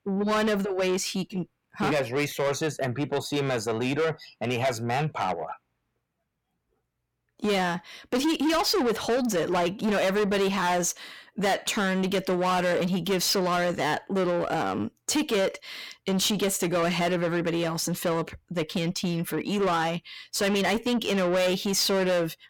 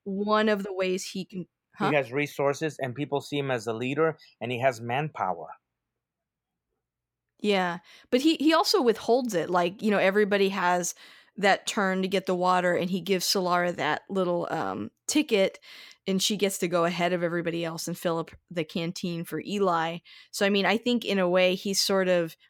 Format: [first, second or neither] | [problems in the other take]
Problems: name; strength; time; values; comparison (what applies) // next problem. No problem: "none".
second | distortion; heavy; 7 dB below the speech